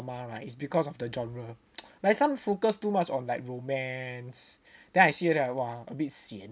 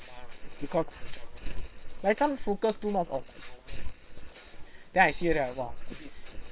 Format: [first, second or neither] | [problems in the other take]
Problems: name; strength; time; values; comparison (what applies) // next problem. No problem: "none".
first | noise reduction (neural separator model SepFormer WHAM!)